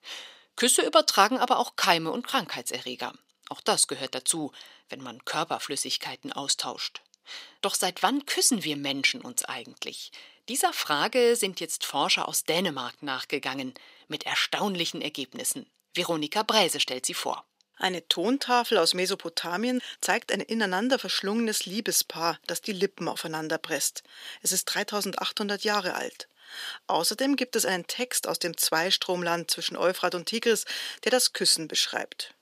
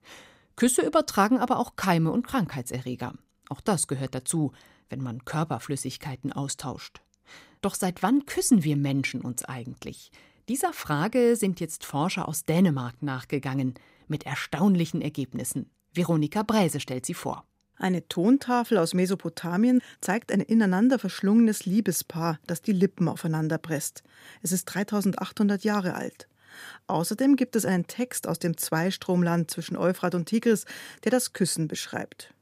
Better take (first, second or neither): second